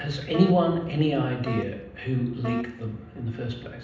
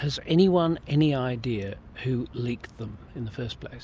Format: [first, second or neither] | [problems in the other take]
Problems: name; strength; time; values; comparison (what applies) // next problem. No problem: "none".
second | background sound (Wind instrument, woodwind instrument); 13 dB below the speech // room echo; dies away in 0.8 s